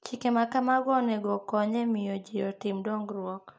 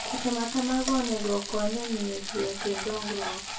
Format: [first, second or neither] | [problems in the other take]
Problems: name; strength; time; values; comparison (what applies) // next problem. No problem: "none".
first | background sound (Frying (food)); 5 dB below the speech // room echo; dies away in 0.2 s